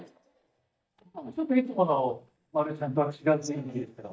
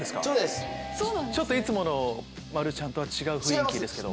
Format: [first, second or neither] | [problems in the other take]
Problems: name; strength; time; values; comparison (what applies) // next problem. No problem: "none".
second | noise reduction (neural mask model DeepFilterNet 3)